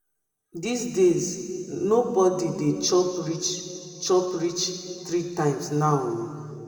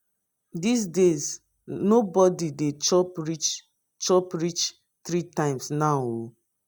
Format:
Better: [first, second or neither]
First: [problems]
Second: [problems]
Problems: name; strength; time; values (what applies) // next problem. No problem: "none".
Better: second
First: room echo; dies away in 2.3 s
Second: none